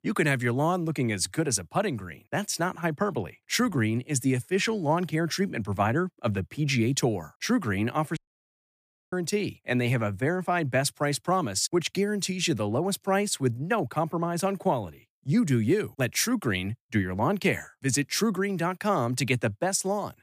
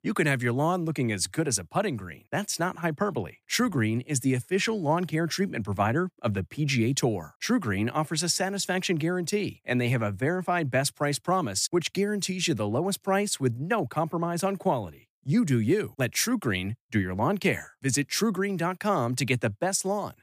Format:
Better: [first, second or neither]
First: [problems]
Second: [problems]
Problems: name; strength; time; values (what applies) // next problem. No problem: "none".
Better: second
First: audio cutting out; at 8 s for 1 s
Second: none